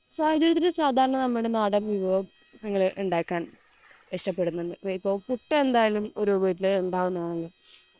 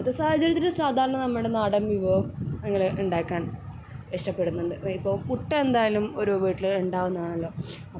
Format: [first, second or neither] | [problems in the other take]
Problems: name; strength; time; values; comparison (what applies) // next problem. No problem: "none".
second | noise reduction (neural separator model SepFormer WHAM!)